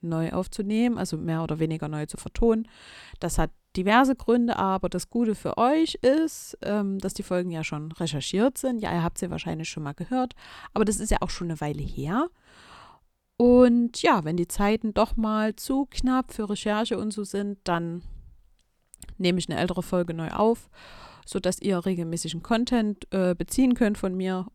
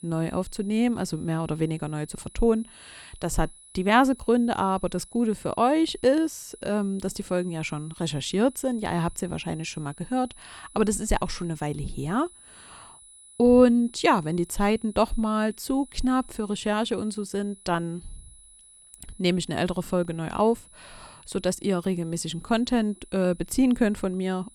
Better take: first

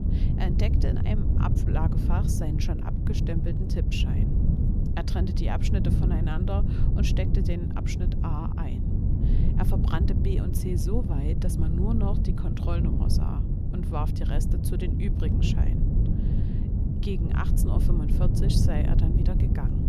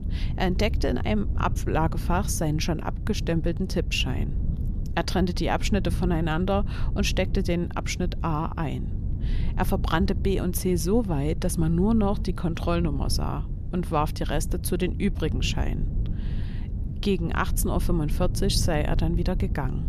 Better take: second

